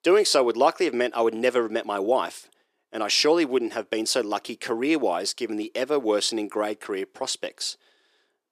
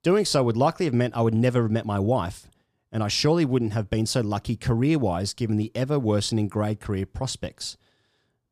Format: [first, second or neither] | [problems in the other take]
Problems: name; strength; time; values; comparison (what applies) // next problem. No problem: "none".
second | thin; somewhat; fading below 350 Hz